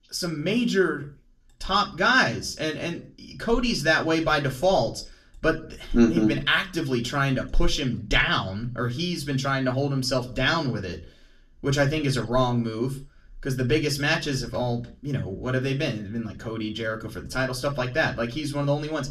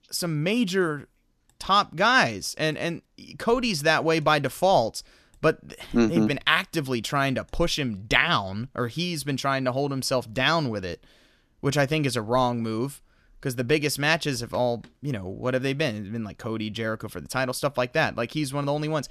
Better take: second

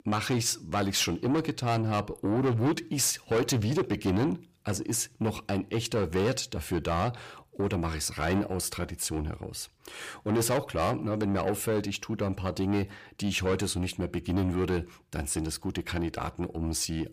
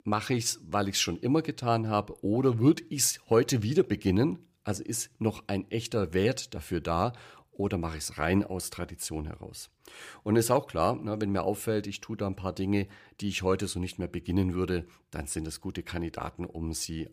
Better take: second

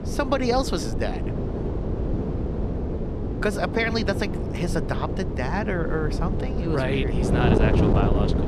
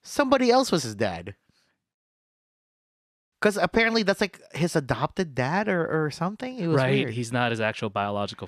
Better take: second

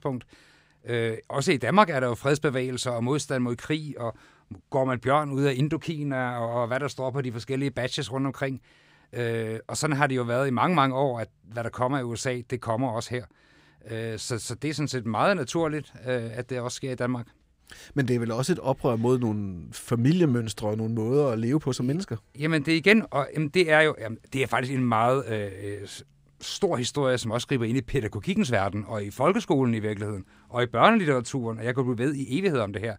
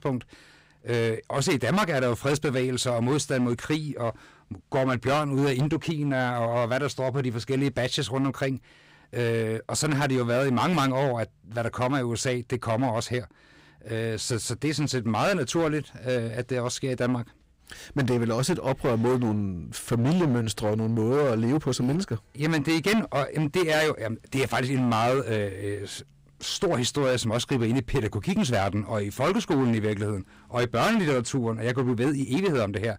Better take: first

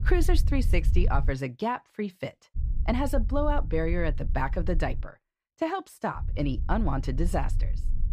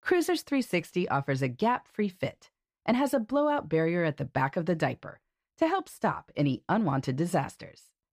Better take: second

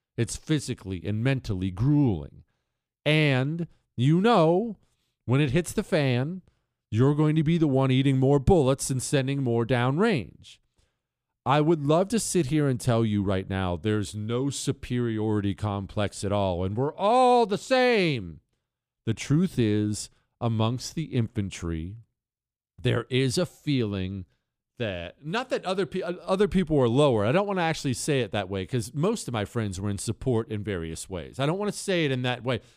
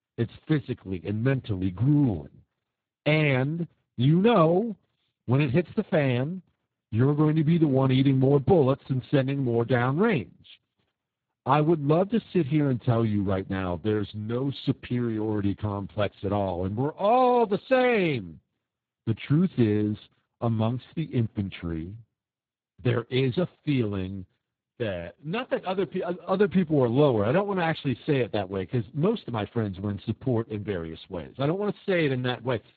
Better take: first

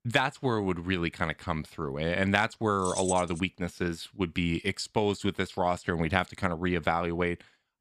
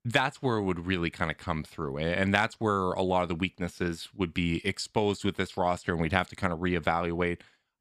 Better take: second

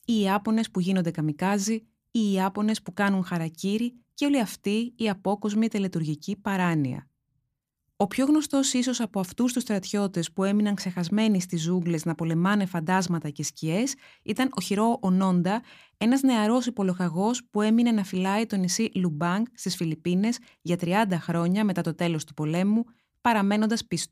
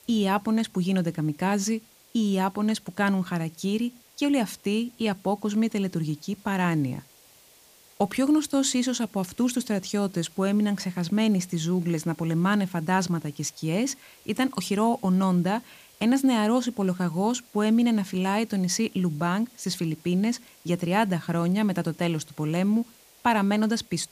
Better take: first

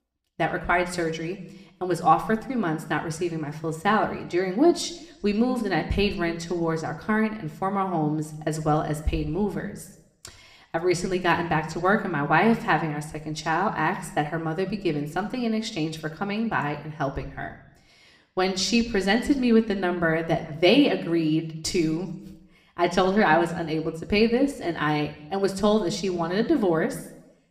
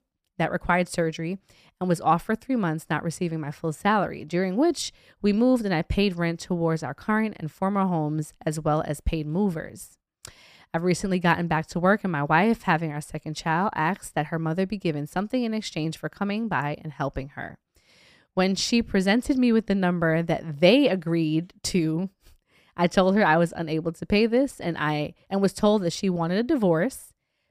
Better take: second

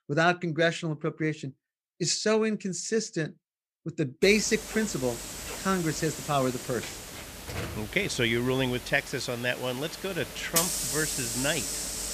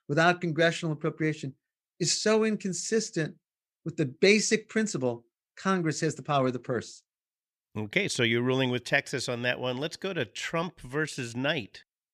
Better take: second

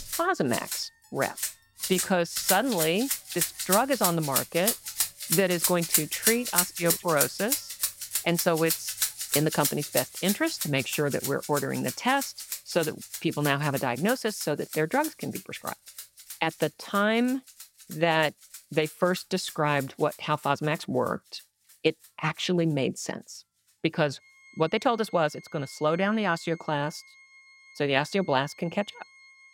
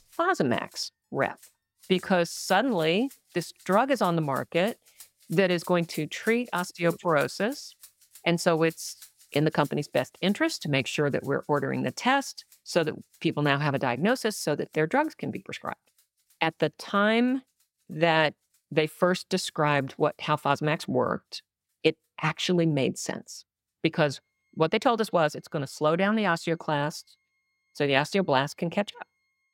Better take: second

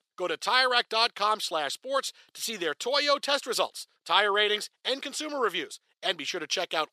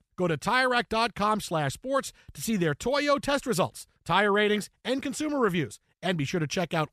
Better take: second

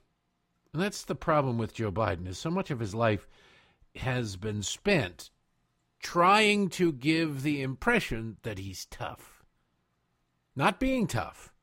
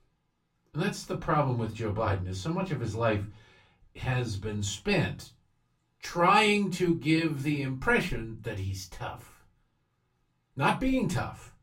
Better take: first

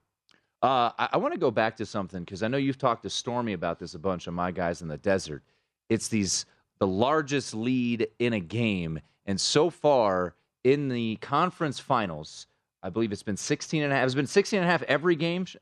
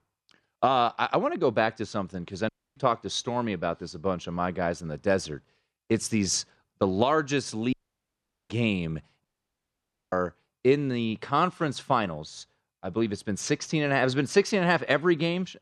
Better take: first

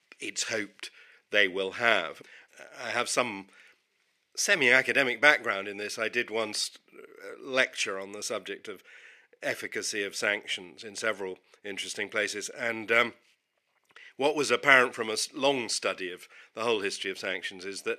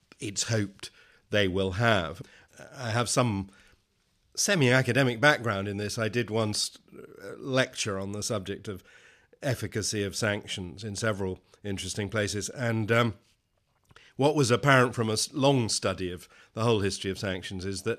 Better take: second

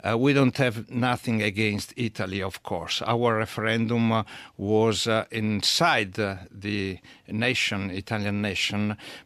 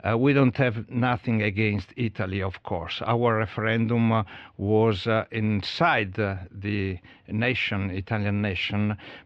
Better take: first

